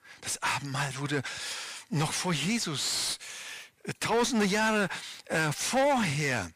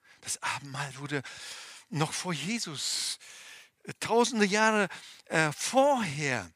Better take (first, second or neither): second